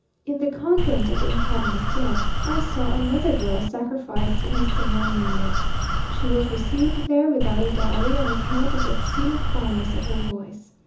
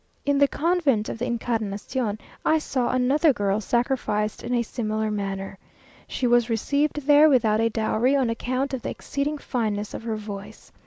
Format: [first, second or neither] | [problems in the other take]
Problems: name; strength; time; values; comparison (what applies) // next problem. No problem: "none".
second | background sound (Crow); 5 dB above the speech // room echo; dies away in 0.6 s